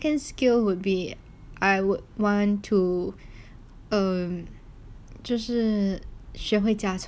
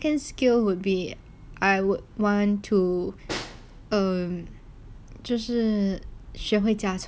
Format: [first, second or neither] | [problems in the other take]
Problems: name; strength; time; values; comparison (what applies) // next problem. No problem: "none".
first | background sound (Snare drum); 17 dB below the speech